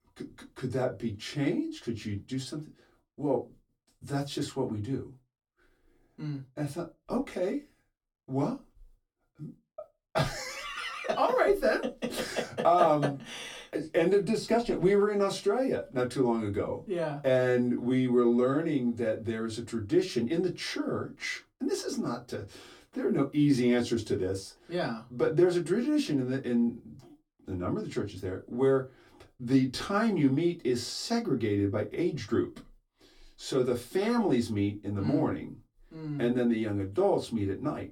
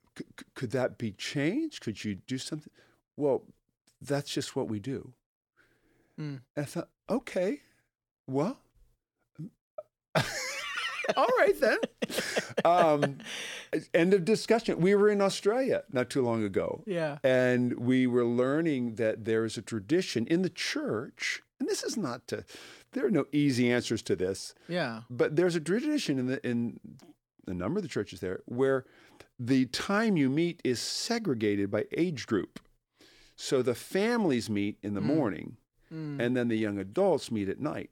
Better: second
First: off-mic speech; far // room echo; very slight; dies away in 0.2 s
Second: none

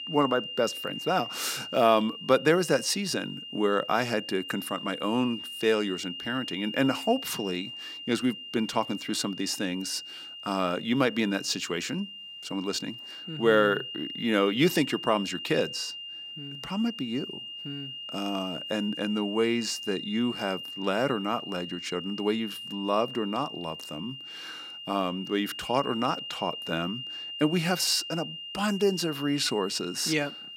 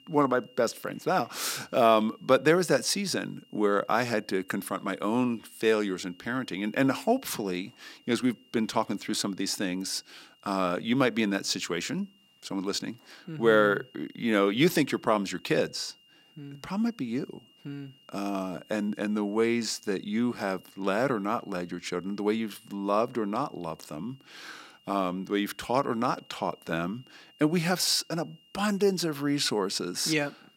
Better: second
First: high-pitched whine; loud; throughout; 3 kHz, 9 dB below the speech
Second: high-pitched whine; faint; throughout; 3 kHz, 30 dB below the speech

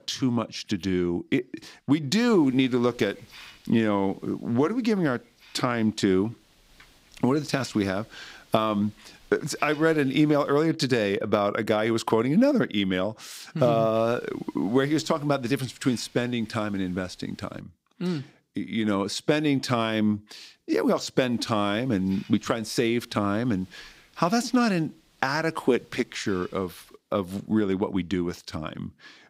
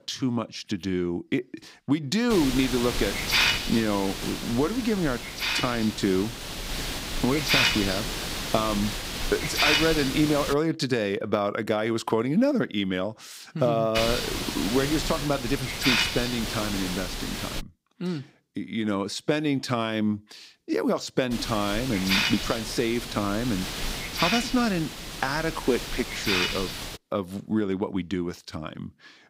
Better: first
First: hiss; faint; from 2.5 to 11 s, from 14 to 18 s and from 21 to 27 s; 25 dB below the speech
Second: hiss; loud; from 2.5 to 11 s, from 14 to 18 s and from 21 to 27 s; 1 dB below the speech

